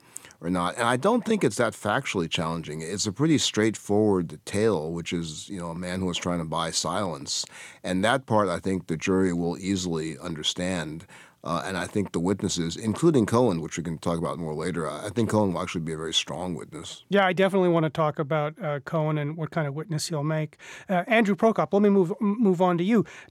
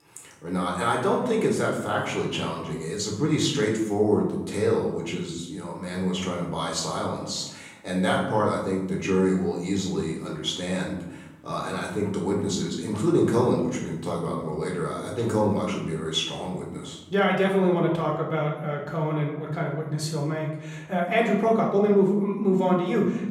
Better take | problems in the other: first | off-mic speech; far // room echo; noticeable; dies away in 0.8 s

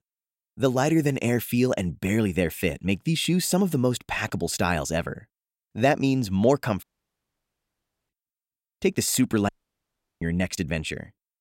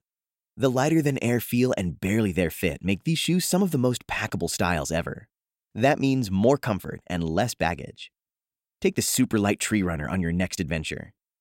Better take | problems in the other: second | audio cutting out; at 7 s for 1.5 s and at 9.5 s for 0.5 s

